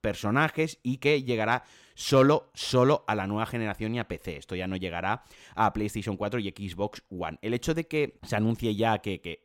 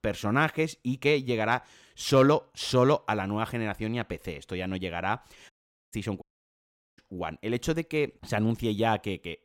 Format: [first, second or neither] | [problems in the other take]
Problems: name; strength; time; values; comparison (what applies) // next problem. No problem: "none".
first | audio cutting out; at 5.5 s and at 6 s for 1 s